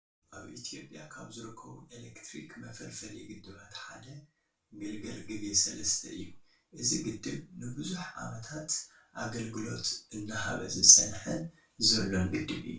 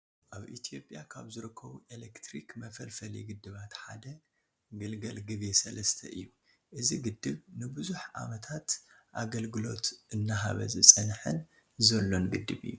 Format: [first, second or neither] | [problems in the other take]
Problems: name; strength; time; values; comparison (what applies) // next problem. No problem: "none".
second | room echo; dies away in 0.2 s